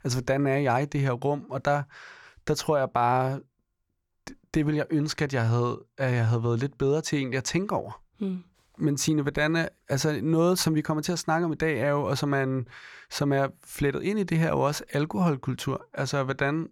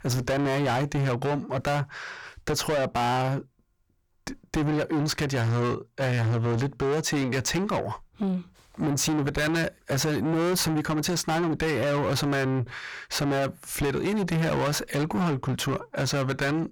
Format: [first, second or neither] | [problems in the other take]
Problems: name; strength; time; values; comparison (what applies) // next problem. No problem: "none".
first | distortion; heavy; 6 dB below the speech